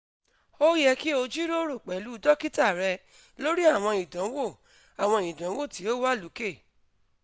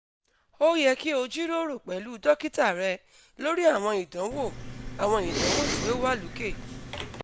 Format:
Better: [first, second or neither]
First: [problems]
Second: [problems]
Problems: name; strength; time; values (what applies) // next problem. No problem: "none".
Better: first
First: none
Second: background sound (Respiratory sounds); 4 dB below the speech